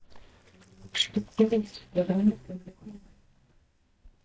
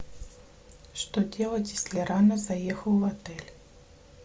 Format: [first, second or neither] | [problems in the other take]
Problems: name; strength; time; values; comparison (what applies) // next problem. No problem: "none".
second | noise reduction (neural mask model DeepFilterNet 3)